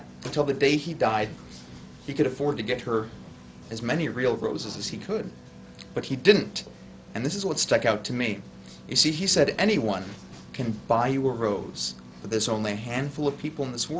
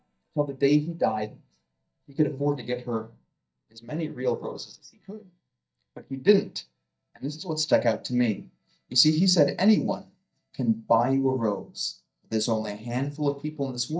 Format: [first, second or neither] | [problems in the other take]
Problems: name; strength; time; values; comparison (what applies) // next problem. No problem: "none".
first | noise reduction (neural mask model DeepFilterNet 3)